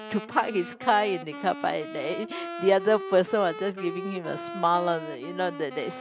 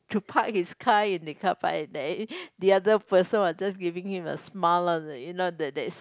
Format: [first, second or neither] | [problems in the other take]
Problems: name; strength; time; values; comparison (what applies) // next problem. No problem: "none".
second | background sound (Wind instrument, woodwind instrument); 11 dB below the speech